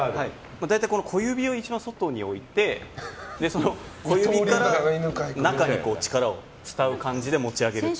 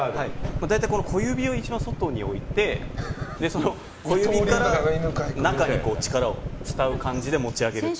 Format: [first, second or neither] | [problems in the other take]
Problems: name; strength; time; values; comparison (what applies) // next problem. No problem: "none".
first | background sound (Engine starting / Car); 5 dB below the speech